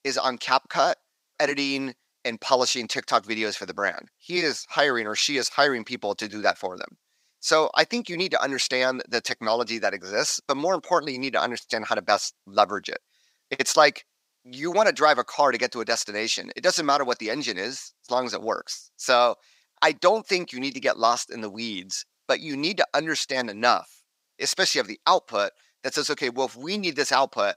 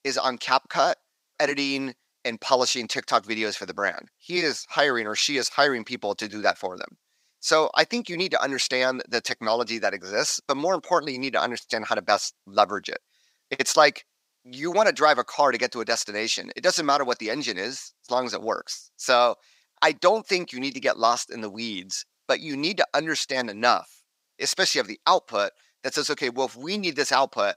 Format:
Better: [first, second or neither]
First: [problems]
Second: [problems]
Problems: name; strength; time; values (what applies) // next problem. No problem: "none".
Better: neither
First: thin; somewhat; fading below 500 Hz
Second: thin; somewhat; fading below 500 Hz